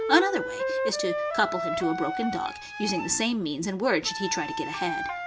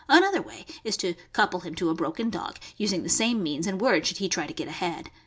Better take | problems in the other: second | background sound (Wind instrument, woodwind instrument); 4 dB below the speech

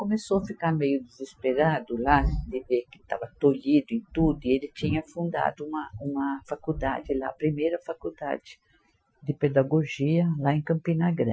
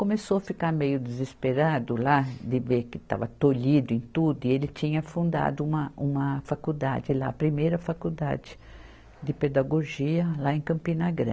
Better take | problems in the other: second | noise reduction (classical method Wiener filter)

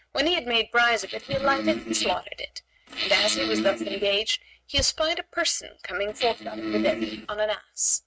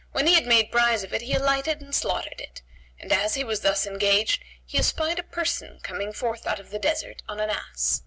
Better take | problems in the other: second | noise reduction (neural mask model RNNoise)

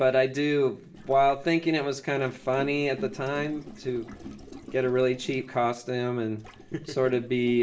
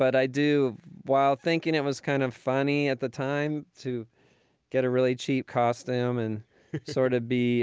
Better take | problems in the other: second | background sound (Gurgling); 18 dB below the speech // room echo; dies away in 0.4 s

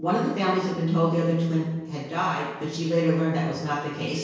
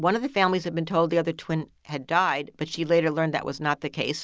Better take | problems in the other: second | room echo; dies away in 1 s

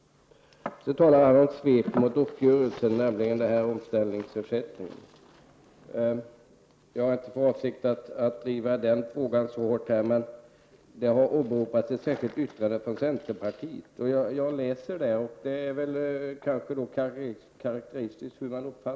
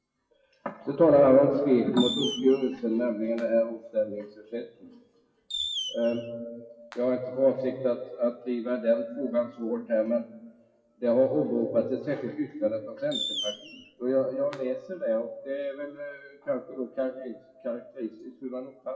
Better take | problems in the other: first | noise reduction (classical method WPE with log-MMSE)

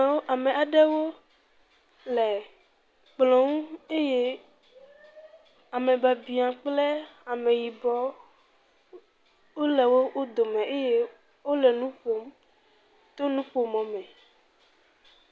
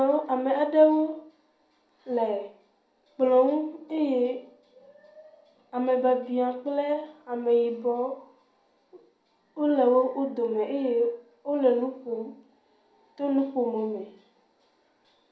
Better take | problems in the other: first | room echo; dies away in 0.6 s

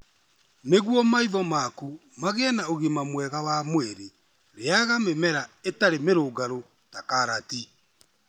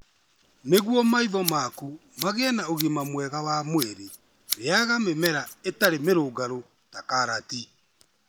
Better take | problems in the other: first | background sound (Scissors); 12 dB below the speech

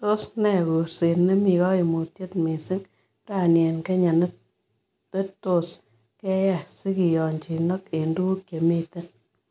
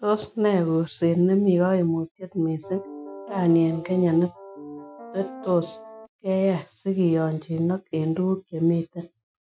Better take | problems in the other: first | noise reduction (classical method Wiener filter)

